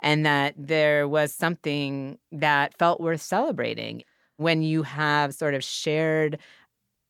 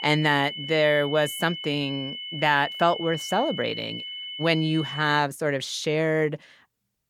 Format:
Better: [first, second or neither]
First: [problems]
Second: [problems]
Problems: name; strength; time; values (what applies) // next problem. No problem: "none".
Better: first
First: none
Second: high-pitched whine; loud; until 5 s; 3 kHz, 9 dB below the speech